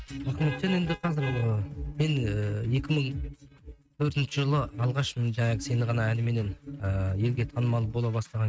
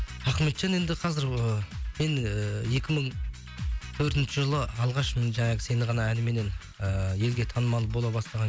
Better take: second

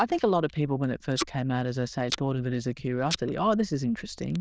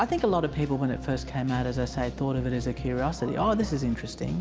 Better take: second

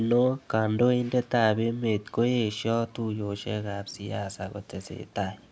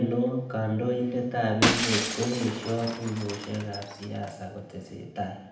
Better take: first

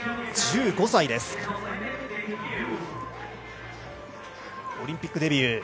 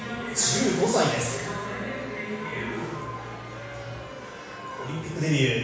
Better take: first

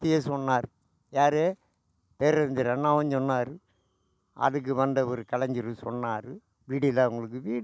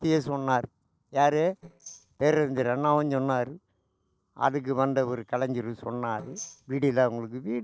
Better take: first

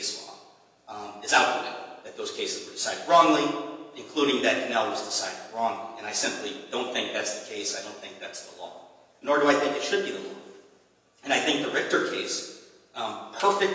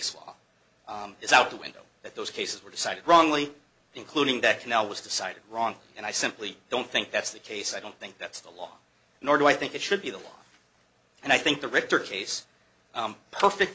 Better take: second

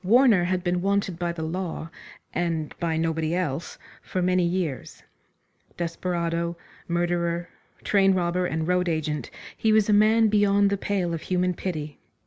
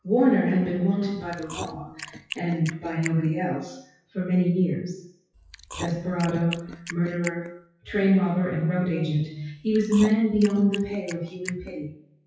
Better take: first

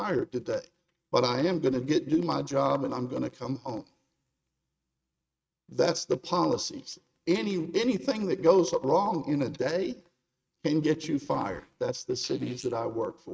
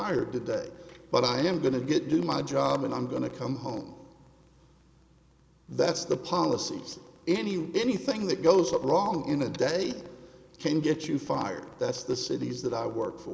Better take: second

